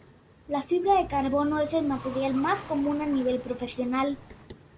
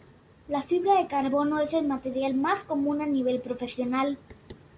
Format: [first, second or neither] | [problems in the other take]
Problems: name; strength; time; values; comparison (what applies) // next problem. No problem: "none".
second | background sound (Car); 16 dB below the speech